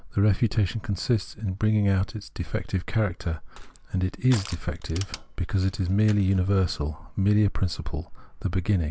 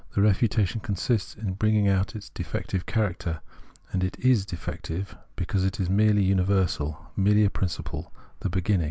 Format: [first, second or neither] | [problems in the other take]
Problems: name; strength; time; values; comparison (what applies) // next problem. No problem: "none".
second | background sound (Crushing); 19 dB below the speech